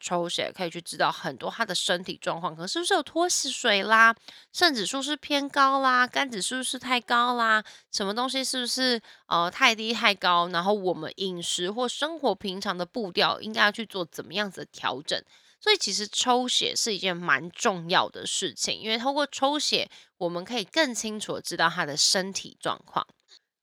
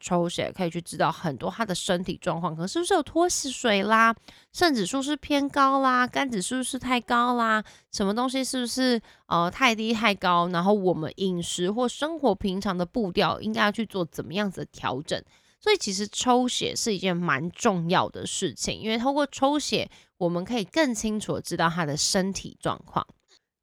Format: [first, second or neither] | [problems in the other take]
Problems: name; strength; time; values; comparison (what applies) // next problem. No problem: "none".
second | thin; very slightly; fading below 850 Hz